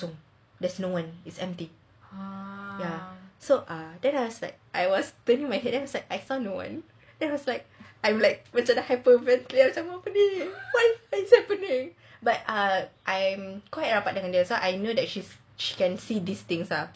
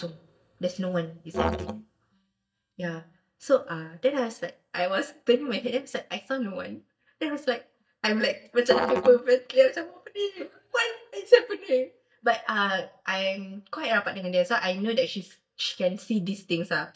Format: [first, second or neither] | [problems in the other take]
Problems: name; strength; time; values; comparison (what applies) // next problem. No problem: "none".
first | noise reduction (neural mask model DeepFilterNet 3)